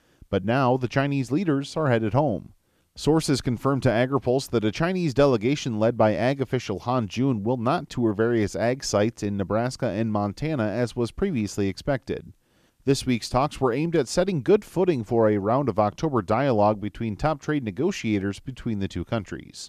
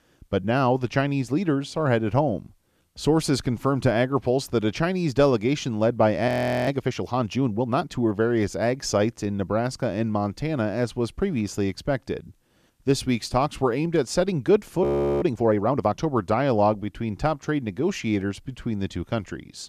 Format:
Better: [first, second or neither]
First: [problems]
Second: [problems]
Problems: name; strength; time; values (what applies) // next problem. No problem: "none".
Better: first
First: none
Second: audio freezing; at 6.5 s and at 15 s